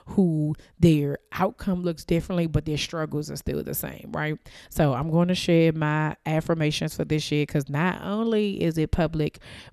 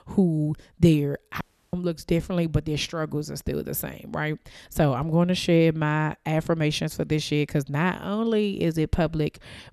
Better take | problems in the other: first | audio cutting out; at 1.5 s

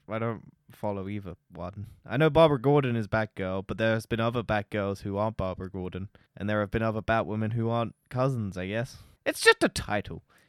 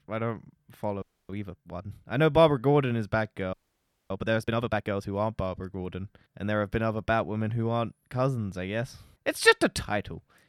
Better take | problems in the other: first | audio freezing; at 1 s and at 3.5 s for 0.5 s

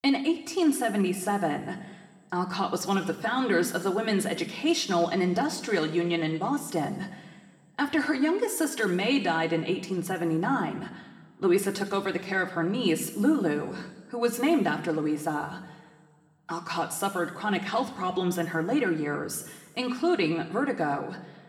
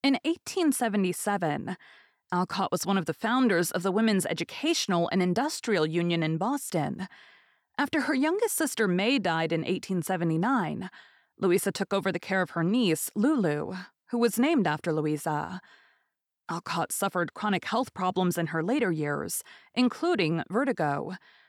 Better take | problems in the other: second | room echo; slight; dies away in 1.4 s

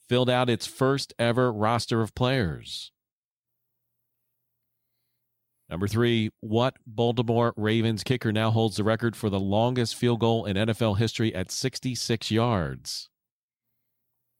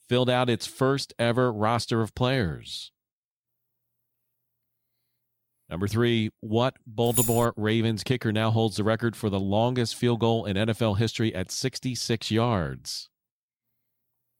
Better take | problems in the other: first | jangling keys; loud; at 7 s; peak 1 dB above the speech

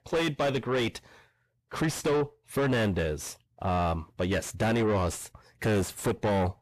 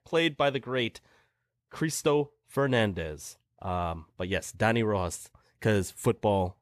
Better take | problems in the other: second | distortion; heavy; 5 dB below the speech

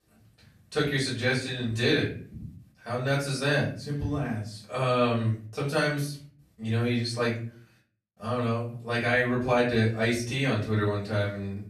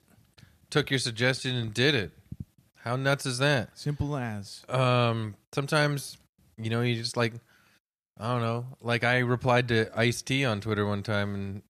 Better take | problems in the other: second | off-mic speech; far // room echo; slight; dies away in 0.4 s

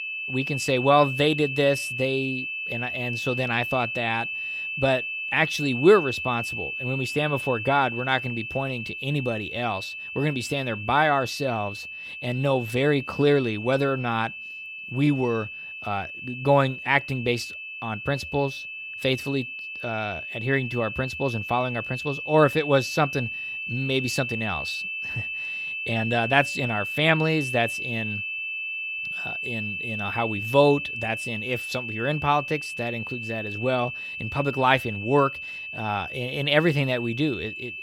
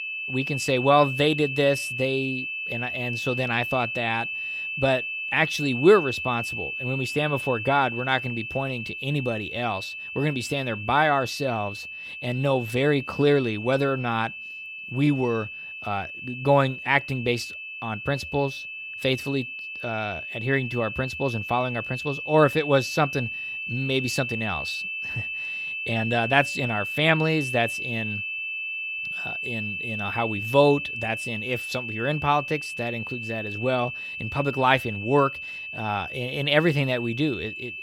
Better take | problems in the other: neither | high-pitched whine; loud; throughout; 2.5 kHz, 6 dB below the speech; the same in both

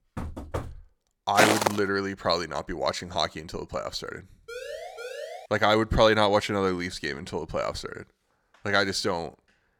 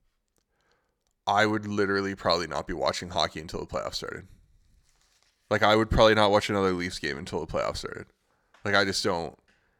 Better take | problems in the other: second | door banging; noticeable; at the start; peak 9 dB below the speech // footsteps; loud; at 1.5 s; peak 5 dB above the speech // siren; faint; at 4.5 s; peak 10 dB below the speech

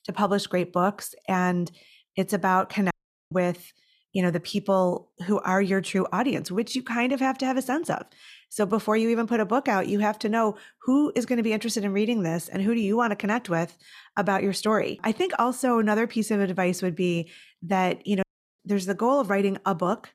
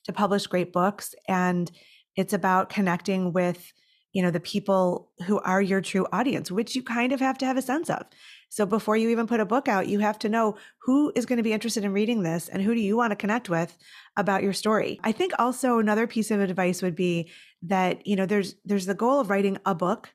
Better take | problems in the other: second | audio cutting out; at 3 s and at 18 s

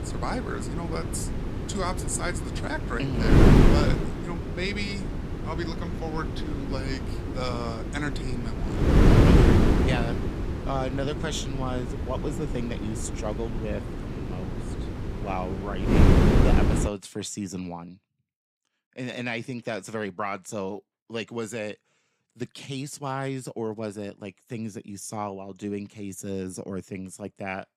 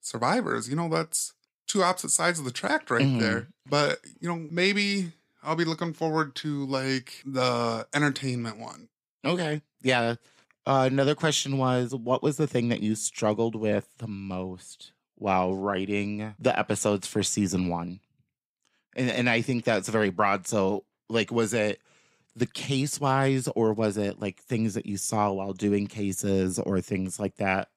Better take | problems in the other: second | wind noise on the microphone; heavy; until 17 s; 2 dB above the speech

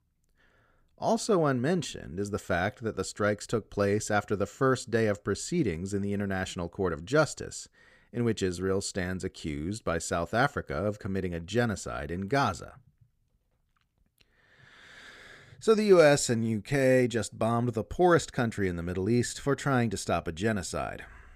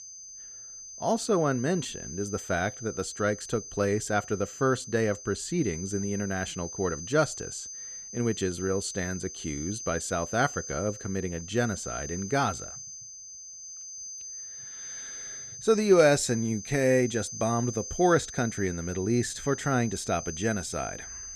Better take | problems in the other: first | high-pitched whine; noticeable; throughout; 6 kHz, 10 dB below the speech

